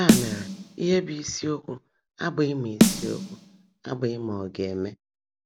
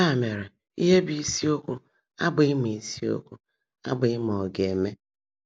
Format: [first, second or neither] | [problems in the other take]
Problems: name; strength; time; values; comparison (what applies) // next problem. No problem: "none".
second | background sound (Snare drum); 3 dB above the speech